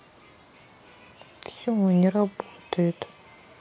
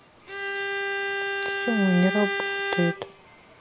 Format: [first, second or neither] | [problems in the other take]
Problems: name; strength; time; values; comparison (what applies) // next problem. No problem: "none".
first | background sound (Bowed string instrument); 1 dB below the speech